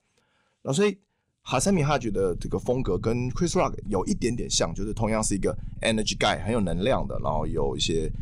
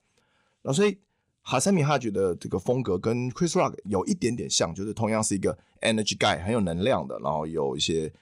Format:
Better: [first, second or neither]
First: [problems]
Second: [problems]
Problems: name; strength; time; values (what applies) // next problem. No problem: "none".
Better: second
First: low rumble; faint; from 1.5 s on; 25 dB below the speech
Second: none